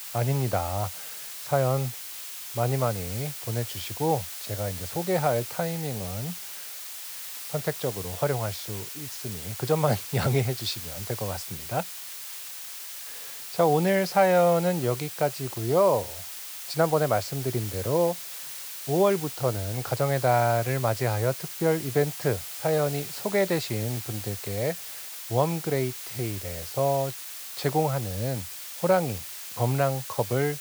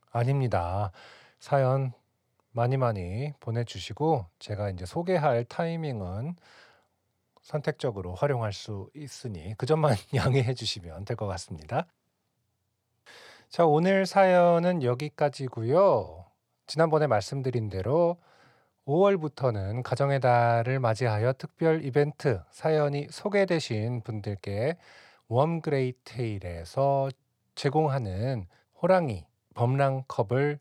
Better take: second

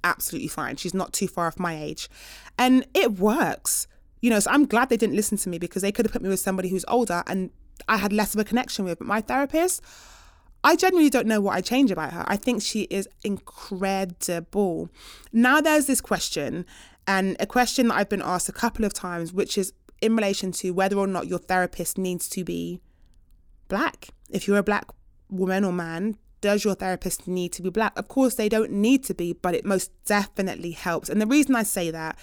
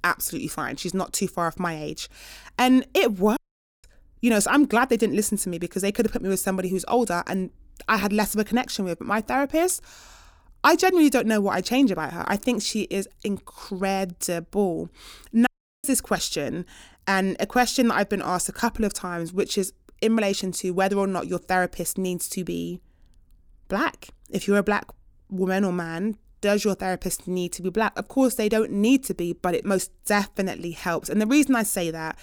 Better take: first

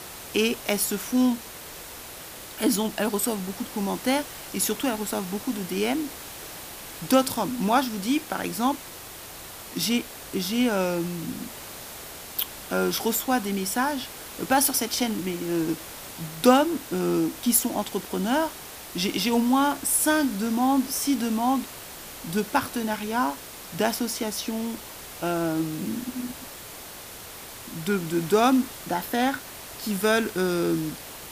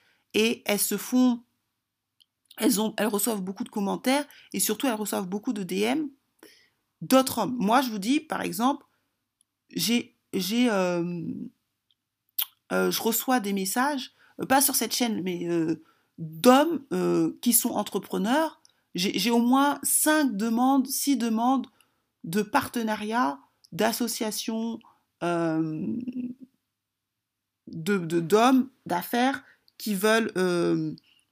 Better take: second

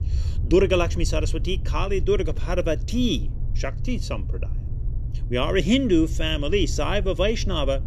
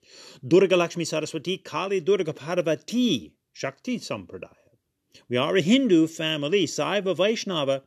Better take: second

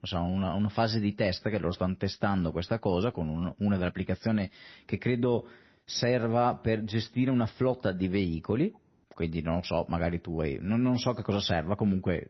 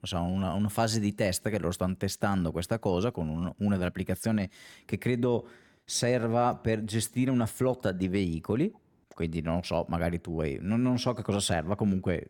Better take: second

